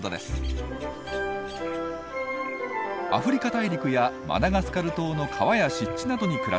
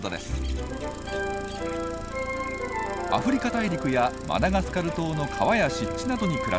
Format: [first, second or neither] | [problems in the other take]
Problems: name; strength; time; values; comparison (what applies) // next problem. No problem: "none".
first | background sound (Idling); 12 dB below the speech